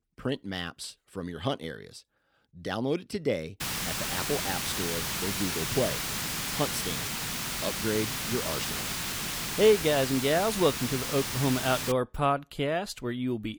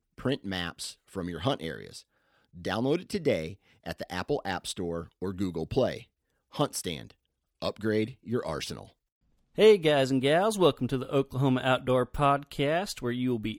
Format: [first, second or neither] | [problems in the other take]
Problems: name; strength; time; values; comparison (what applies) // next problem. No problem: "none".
second | hiss; loud; from 3.5 to 12 s; 1 dB below the speech